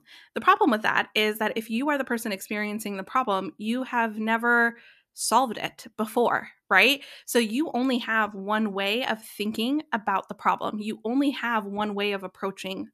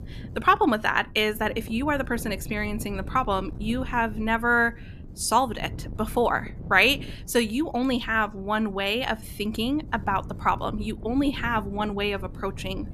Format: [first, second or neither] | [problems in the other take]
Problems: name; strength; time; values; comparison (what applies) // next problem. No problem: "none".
first | wind noise on the microphone; occasional gusts; 25 dB below the speech